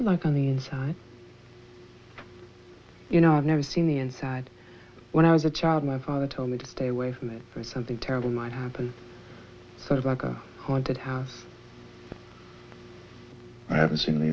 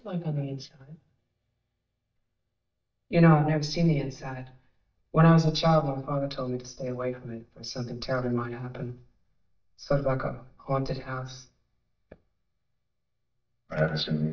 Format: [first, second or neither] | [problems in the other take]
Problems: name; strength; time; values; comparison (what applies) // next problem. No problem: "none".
first | noise reduction (neural mask model DeepFilterNet 3)